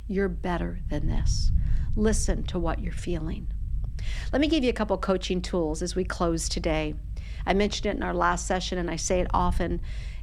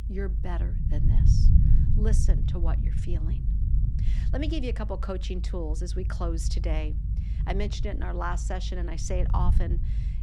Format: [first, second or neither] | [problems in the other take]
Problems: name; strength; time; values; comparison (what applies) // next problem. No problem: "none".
first | low rumble; loud; throughout; 7 dB below the speech; faint in the first